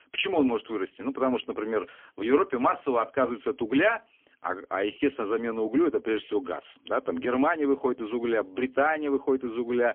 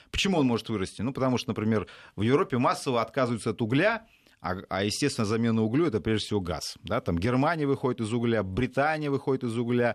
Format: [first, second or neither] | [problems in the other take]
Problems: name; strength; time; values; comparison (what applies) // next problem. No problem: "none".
second | phone-call audio; poor line; nothing above 3.5 kHz